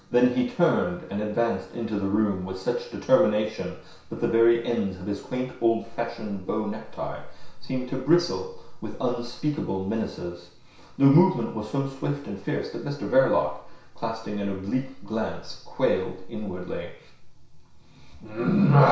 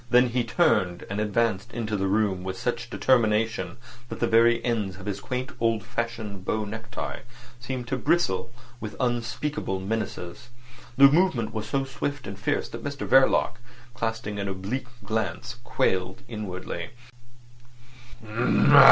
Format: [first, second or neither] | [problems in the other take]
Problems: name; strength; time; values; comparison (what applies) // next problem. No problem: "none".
second | room echo; dies away in 0.6 s